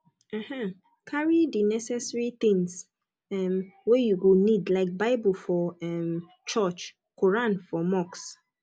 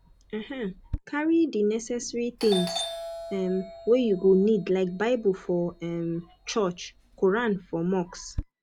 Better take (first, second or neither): first